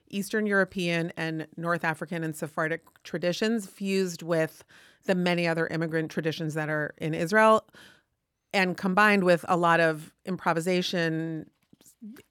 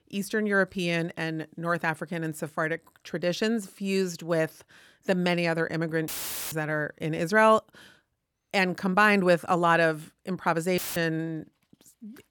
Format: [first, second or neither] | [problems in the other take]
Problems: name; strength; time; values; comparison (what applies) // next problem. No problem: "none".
first | audio cutting out; filled with static; at 6 s and at 11 s